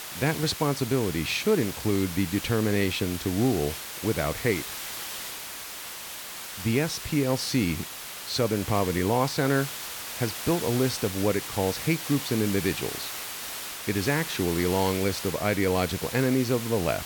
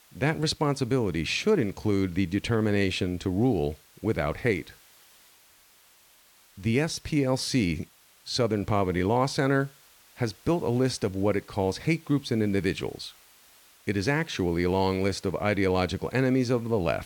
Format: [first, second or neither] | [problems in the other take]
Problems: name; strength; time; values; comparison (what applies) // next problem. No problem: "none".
second | hiss; loud; throughout; 7 dB below the speech; faint in the second